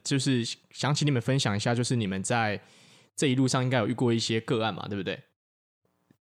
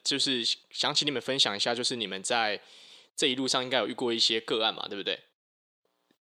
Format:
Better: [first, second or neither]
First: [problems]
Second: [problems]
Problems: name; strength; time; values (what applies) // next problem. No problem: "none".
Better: first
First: none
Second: thin; somewhat; fading below 400 Hz